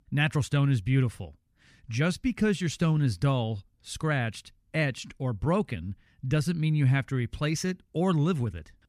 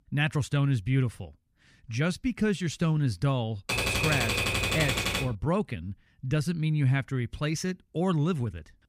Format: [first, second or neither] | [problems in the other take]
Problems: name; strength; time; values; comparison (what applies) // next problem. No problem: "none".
first | keyboard typing; loud; from 3.5 to 5.5 s; peak 3 dB above the speech